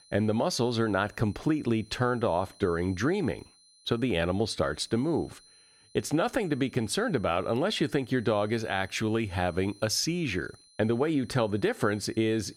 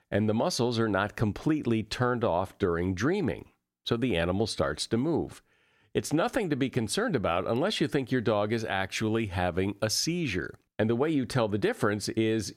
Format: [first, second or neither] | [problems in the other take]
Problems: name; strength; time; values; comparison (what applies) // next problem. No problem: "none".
second | high-pitched whine; faint; throughout; 4 kHz, 25 dB below the speech